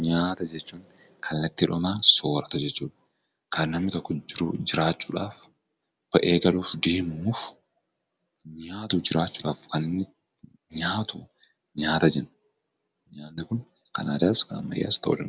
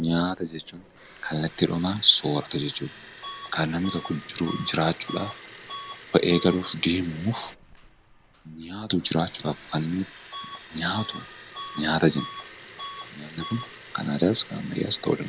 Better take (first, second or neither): first